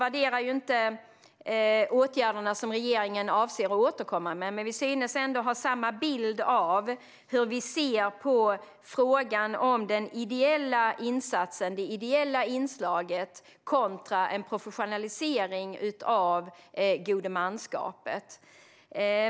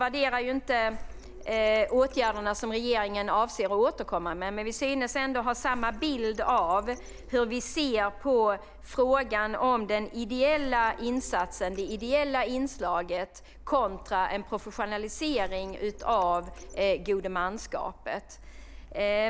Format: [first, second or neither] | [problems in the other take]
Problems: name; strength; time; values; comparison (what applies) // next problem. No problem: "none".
first | background sound (Printer); 15 dB below the speech